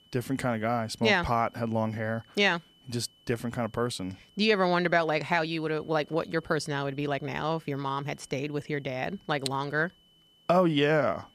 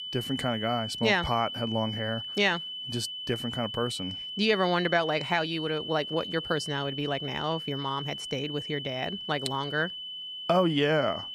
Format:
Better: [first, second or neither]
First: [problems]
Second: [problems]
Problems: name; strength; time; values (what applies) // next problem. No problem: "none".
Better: first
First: high-pitched whine; faint; throughout; 3 kHz, 30 dB below the speech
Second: high-pitched whine; loud; throughout; 3 kHz, 6 dB below the speech